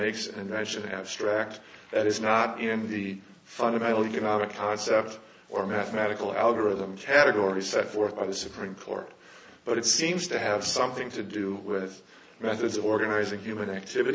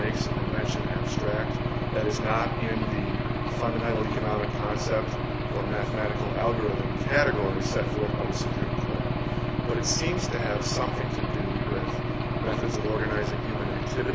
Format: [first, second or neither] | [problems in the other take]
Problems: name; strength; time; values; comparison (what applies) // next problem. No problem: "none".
first | background sound (Engine / Aircraft); 3 dB above the speech